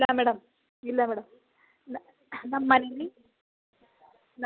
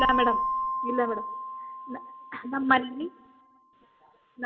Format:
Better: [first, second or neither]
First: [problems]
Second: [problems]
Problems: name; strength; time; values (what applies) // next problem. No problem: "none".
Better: first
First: none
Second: background sound (Keyboard (musical)); 1 dB below the speech // room echo; dies away in 0.3 s